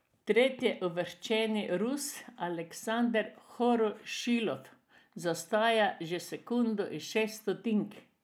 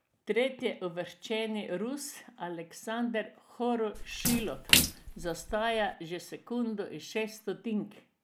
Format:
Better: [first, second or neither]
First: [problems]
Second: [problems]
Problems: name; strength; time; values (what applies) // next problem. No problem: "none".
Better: first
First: none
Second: background sound (Splash, splatter); as loud as the speech